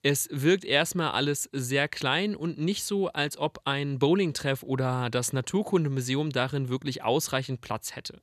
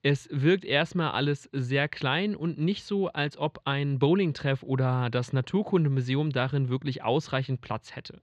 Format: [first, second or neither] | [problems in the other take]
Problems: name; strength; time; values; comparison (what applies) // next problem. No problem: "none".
first | muffled; slightly; fading above 4 kHz